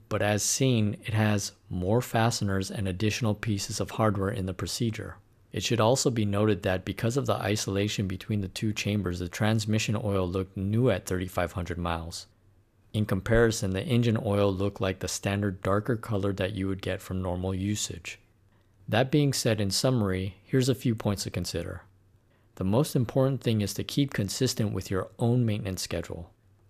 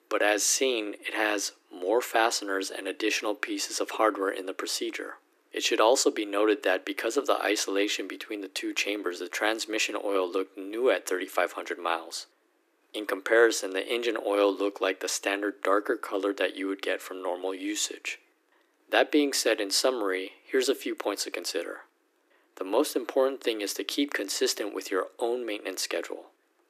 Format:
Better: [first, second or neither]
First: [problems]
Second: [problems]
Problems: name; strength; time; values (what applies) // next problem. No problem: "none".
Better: first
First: none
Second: thin; very; fading below 300 Hz